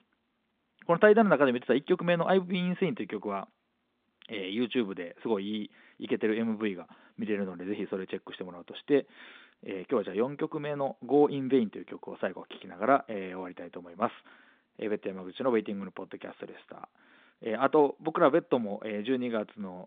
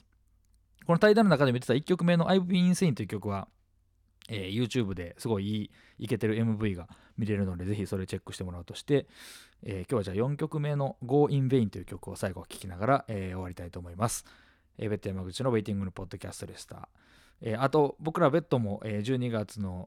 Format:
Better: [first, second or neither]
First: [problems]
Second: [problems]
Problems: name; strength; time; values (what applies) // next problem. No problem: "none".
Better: second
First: phone-call audio; nothing above 3.5 kHz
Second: none